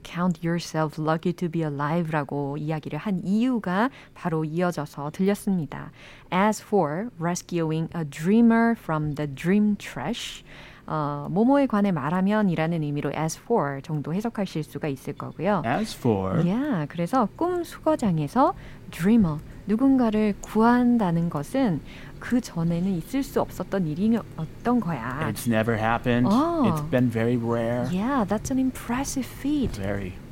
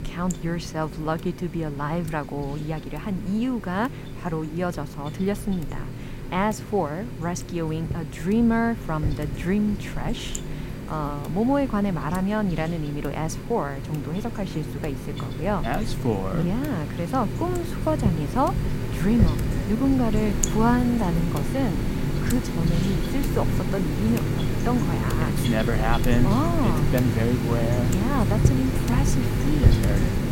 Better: first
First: household noises; faint; throughout; 20 dB below the speech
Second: household noises; loud; throughout; 1 dB below the speech

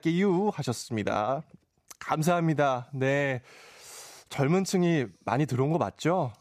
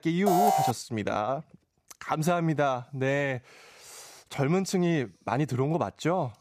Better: first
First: none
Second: alarm; loud; at 0.5 s; peak 4 dB above the speech

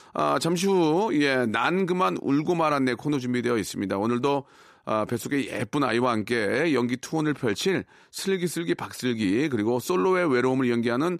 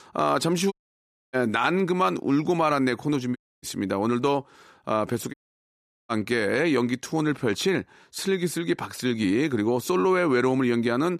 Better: first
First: none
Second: audio cutting out; at 0.5 s for 0.5 s, at 3.5 s and at 5.5 s for 1 s

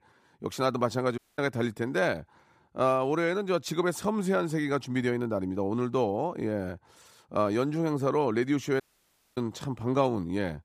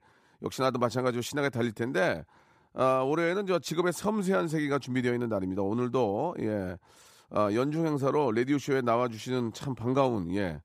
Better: second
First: audio cutting out; at 1 s and at 9 s for 0.5 s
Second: none

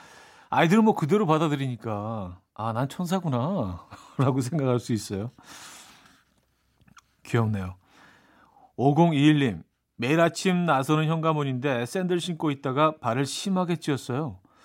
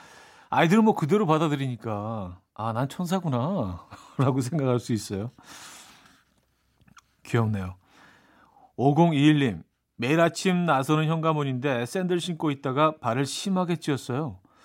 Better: neither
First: none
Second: none

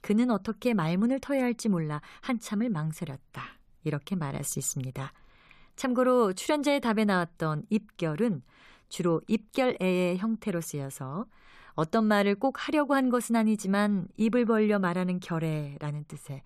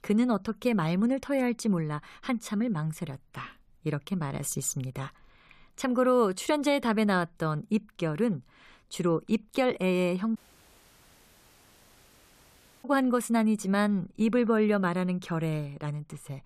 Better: first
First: none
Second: audio cutting out; at 10 s for 2.5 s

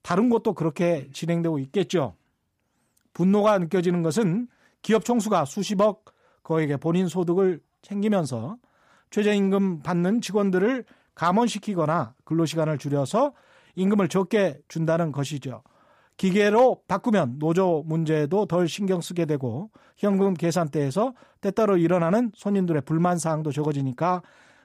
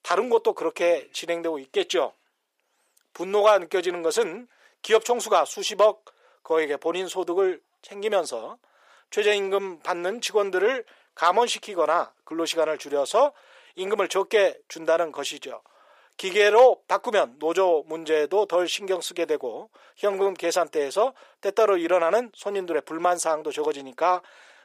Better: first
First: none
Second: thin; very; fading below 450 Hz

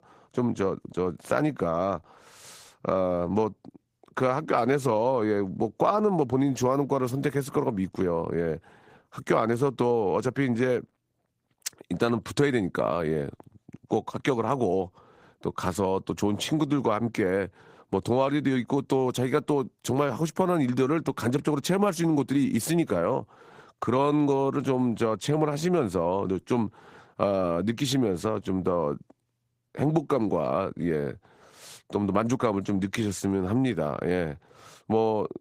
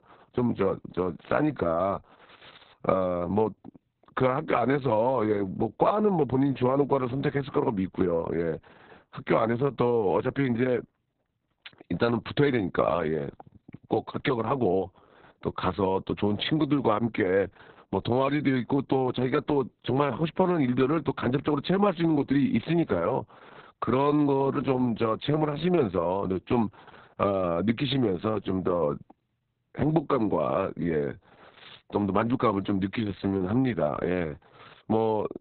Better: first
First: garbled, watery; slightly; nothing above 15.5 kHz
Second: garbled, watery; badly; nothing above 4 kHz

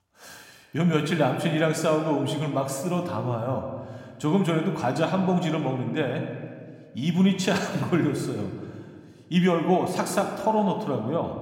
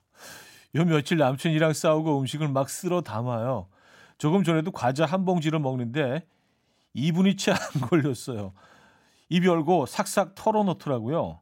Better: second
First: room echo; slight; dies away in 1.4 s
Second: none

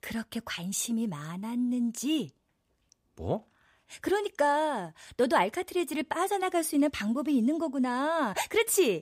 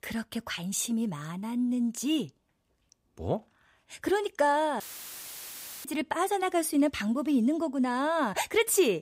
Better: first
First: none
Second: audio cutting out; filled with static; at 5 s for 1 s

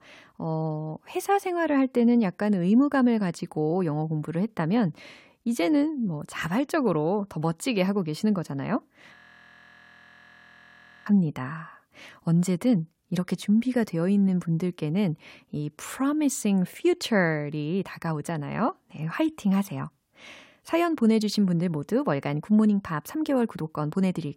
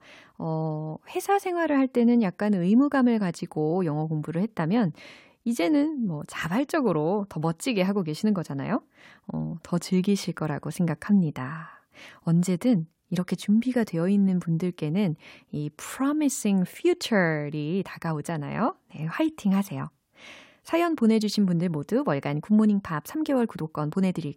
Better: second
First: audio freezing; at 9 s for 2 s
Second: none

